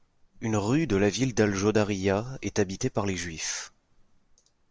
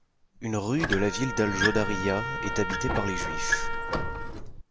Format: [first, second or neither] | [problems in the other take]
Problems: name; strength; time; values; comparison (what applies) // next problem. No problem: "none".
first | background sound (Trumpet + Squeak); as loud as the speech